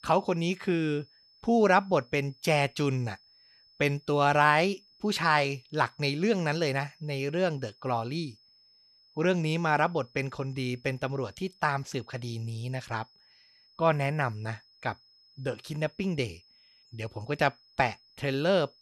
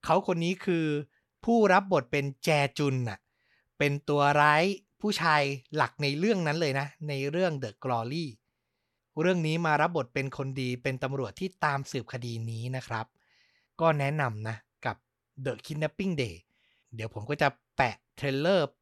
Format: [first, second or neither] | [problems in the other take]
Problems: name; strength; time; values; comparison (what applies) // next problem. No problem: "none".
second | high-pitched whine; faint; throughout; 5 kHz, 30 dB below the speech